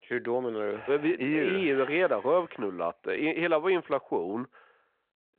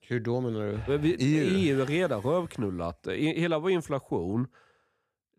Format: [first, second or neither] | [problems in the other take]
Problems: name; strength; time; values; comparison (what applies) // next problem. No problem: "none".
second | phone-call audio